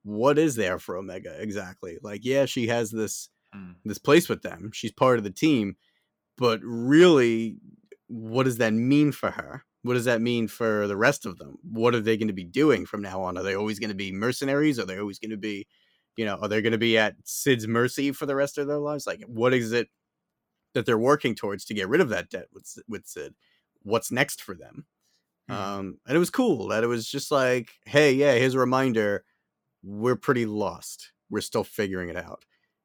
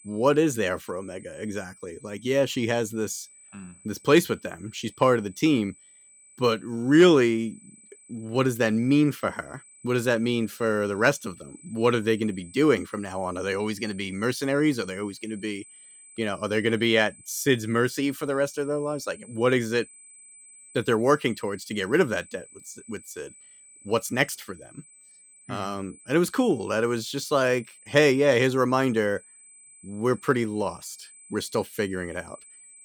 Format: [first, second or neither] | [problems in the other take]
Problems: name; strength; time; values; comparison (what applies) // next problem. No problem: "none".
first | high-pitched whine; faint; throughout; 8 kHz, 25 dB below the speech